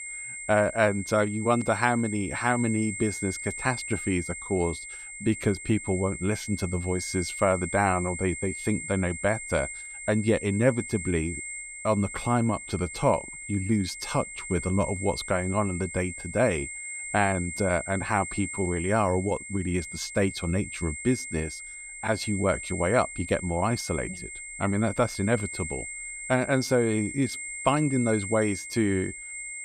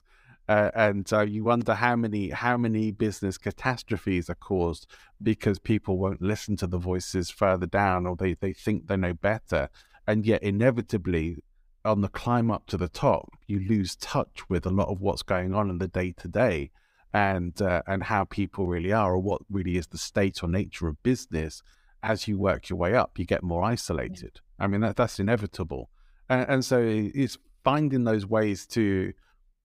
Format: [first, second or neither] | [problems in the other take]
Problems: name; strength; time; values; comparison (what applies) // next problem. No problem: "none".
second | high-pitched whine; loud; throughout; 2 kHz, 8 dB below the speech